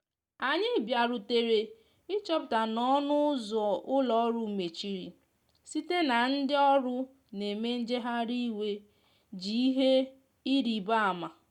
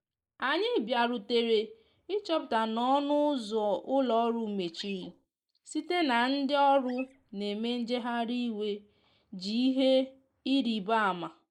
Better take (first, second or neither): first